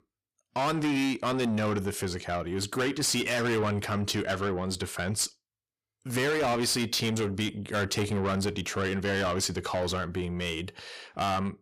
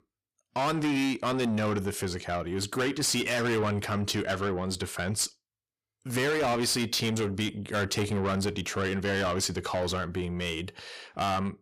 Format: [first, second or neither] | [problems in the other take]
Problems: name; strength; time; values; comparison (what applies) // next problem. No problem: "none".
neither | distortion; heavy; 7 dB below the speech; the same in both